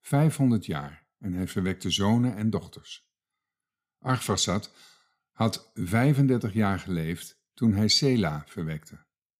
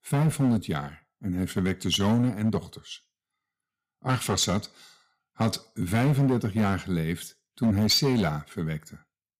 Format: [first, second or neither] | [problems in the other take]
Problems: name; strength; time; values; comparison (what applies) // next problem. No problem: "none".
first | distortion; slight; 6% of the sound clipped